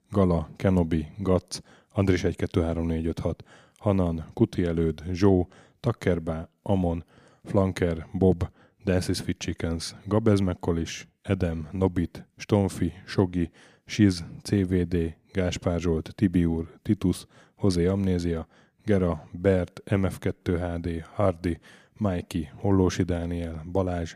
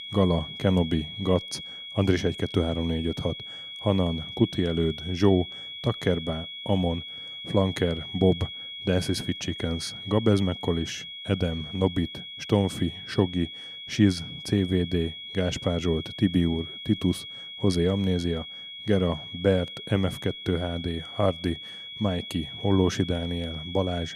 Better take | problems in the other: first | high-pitched whine; loud; throughout; 3.5 kHz, 9 dB below the speech

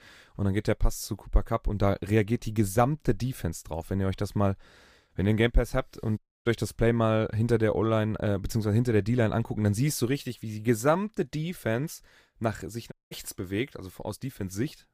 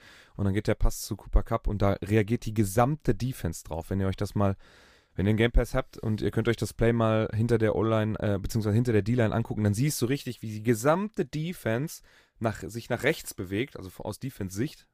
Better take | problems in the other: second | audio cutting out; at 6 s and at 13 s

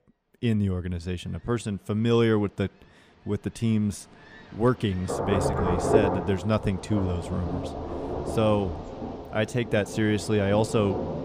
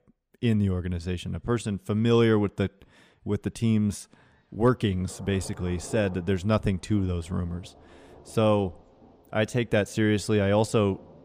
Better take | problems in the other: second | rain or running water; loud; throughout; 4 dB below the speech; faint in the second

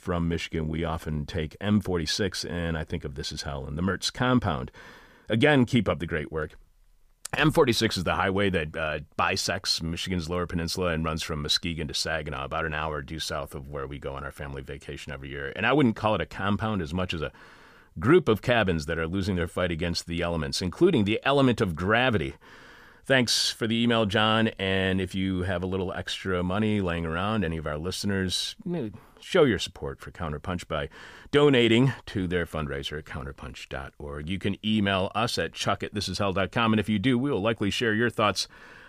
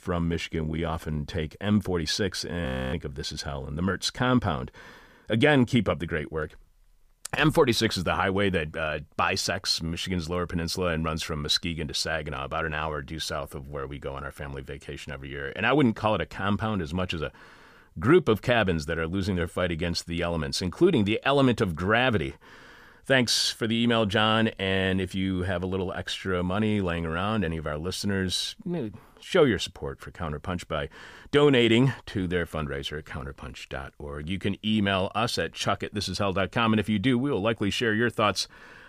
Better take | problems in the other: first | audio freezing; at 2.5 s

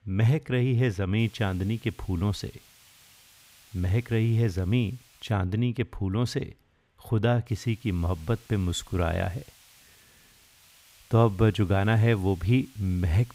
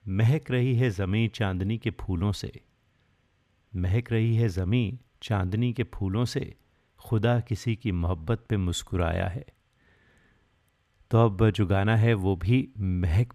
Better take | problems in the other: second | hiss; faint; from 1 to 5.5 s and from 7.5 s on; 25 dB below the speech

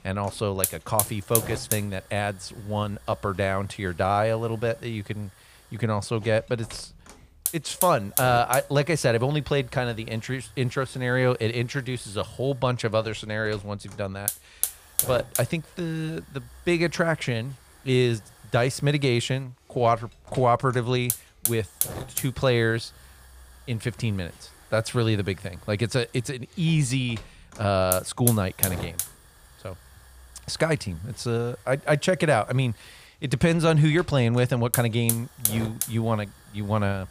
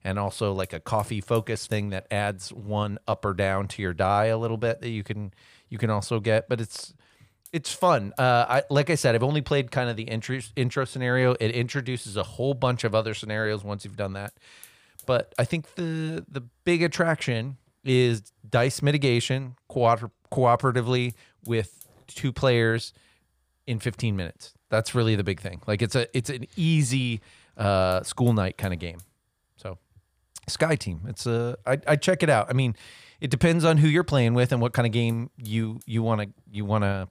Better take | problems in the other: second | hiss; loud; throughout; 2 dB below the speech; faint in the second

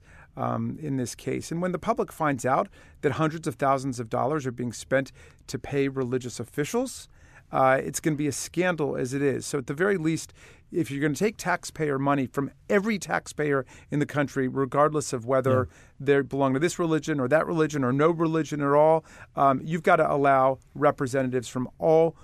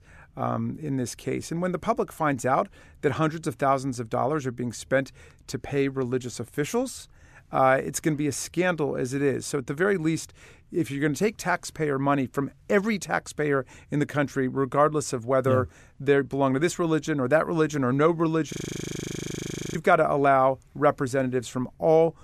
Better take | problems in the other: first | audio freezing; at 19 s for 1 s

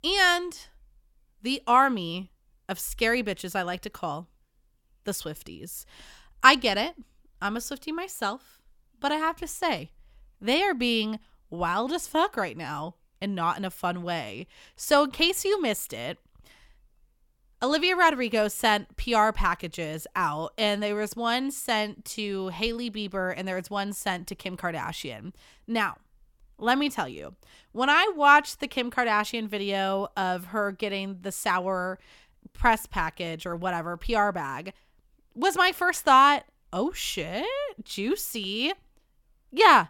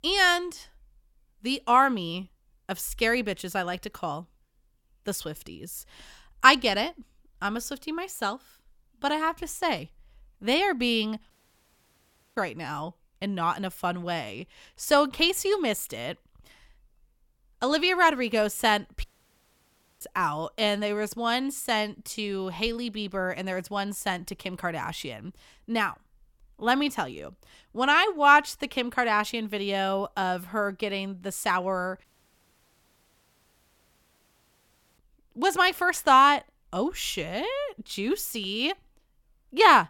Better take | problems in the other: first | audio cutting out; at 11 s for 1 s, at 19 s for 1 s and at 32 s for 3 s

